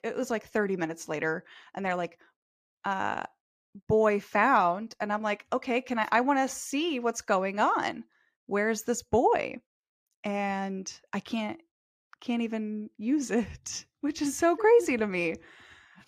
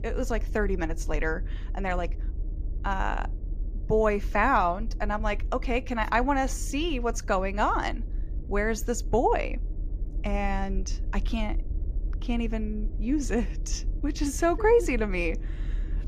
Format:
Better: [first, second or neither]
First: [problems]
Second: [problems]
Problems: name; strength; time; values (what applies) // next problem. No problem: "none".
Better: first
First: none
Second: low rumble; faint; throughout; 25 dB below the speech